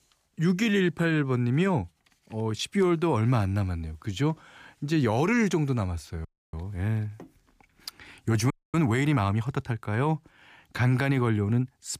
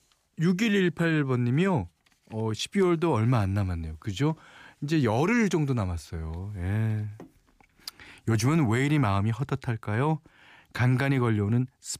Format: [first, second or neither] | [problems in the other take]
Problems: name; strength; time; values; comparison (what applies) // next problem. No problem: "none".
second | audio freezing; at 6.5 s and at 8.5 s